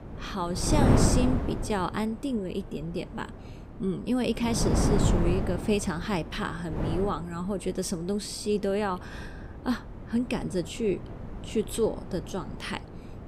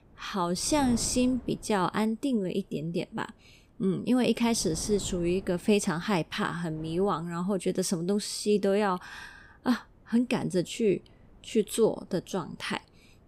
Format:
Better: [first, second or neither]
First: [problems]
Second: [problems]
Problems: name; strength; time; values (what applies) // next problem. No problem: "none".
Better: second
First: wind noise on the microphone; heavy; 3 dB below the speech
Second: wind noise on the microphone; occasional gusts; 20 dB below the speech